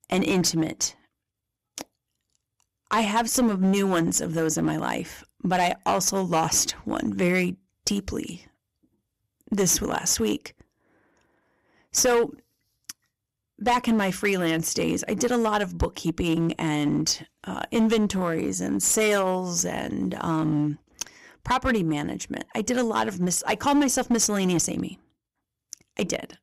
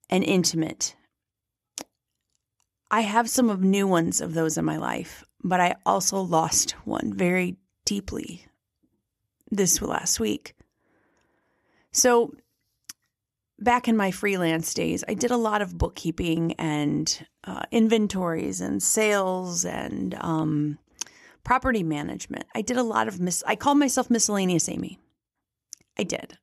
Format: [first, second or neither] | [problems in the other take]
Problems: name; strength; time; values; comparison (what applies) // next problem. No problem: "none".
second | distortion; slight; 6% of the sound clipped